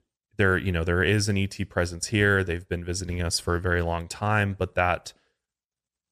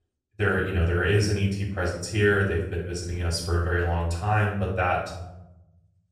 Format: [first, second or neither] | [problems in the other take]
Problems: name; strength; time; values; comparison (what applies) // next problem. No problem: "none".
first | off-mic speech; far // room echo; noticeable; dies away in 0.9 s